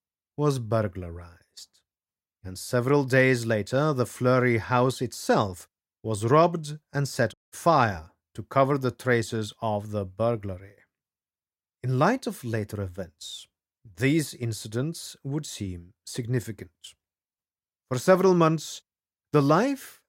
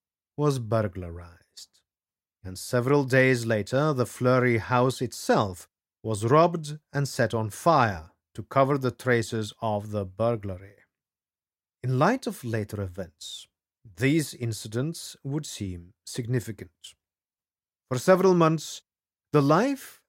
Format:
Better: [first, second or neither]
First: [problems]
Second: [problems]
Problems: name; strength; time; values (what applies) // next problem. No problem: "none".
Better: second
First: audio cutting out; at 7.5 s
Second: none